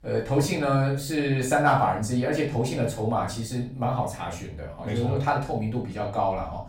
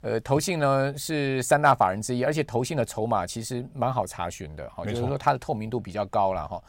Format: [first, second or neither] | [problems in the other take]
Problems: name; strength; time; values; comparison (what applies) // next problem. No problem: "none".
second | off-mic speech; far // room echo; slight; dies away in 0.4 s